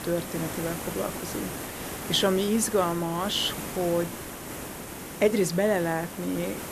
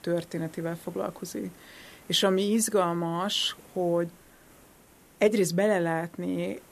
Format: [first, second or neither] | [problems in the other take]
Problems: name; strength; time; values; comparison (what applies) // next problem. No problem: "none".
second | hiss; loud; throughout; 8 dB below the speech; faint in the second